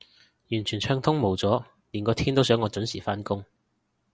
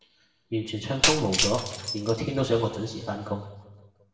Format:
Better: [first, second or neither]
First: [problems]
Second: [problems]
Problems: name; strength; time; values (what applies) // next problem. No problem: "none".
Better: first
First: none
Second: background sound (Shatter); 1 dB below the speech // room echo; dies away in 1.2 s